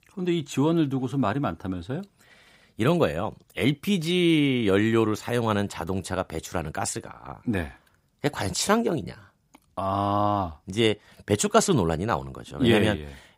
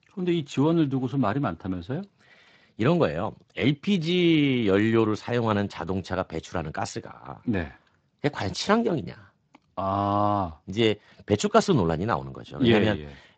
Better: first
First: none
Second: garbled, watery; slightly; nothing above 7.5 kHz

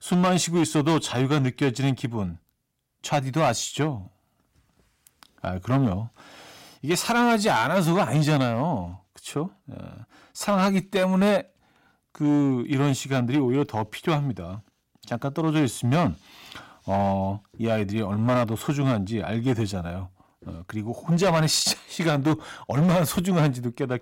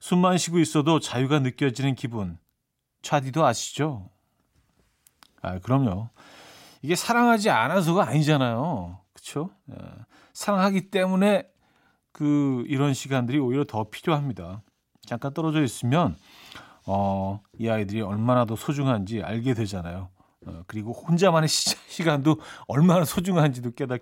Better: second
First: distortion; slight; 7% of the sound clipped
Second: none

